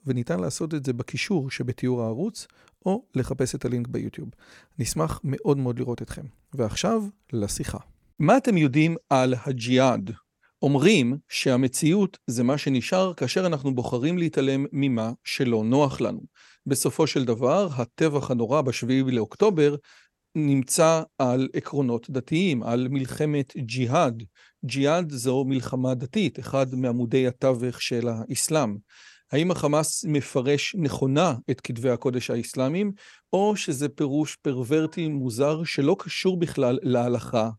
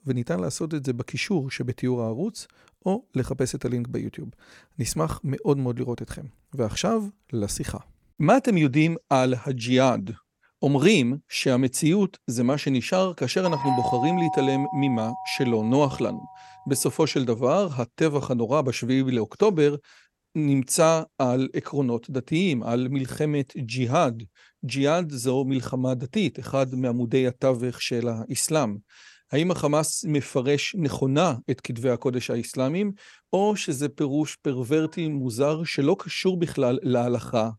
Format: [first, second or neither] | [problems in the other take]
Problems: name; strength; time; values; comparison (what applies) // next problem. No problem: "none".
first | doorbell; noticeable; from 13 to 16 s; peak 1 dB below the speech